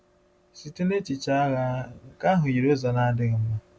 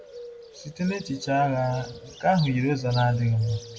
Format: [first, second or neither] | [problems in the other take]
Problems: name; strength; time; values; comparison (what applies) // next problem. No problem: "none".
first | background sound (Bird); 17 dB below the speech // room echo; dies away in 0.3 s